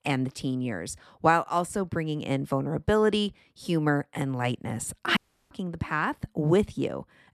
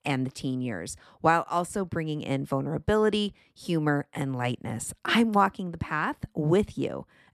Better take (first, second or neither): second